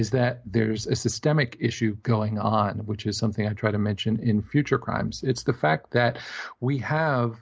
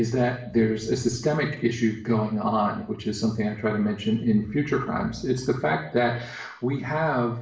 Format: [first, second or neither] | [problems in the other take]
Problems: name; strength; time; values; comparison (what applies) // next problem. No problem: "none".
first | room echo; dies away in 0.5 s